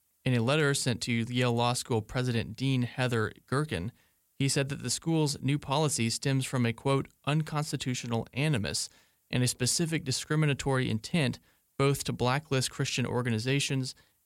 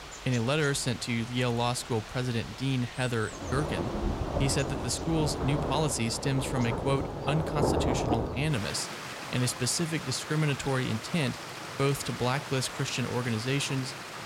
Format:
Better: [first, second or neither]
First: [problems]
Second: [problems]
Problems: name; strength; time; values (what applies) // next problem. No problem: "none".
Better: first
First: none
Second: rain or running water; loud; throughout; 5 dB below the speech